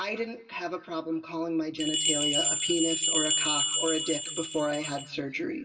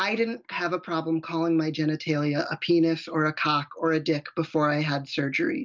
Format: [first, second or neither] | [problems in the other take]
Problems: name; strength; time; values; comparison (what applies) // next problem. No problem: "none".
second | background sound (Bell); 4 dB above the speech // room echo; dies away in 1.8 s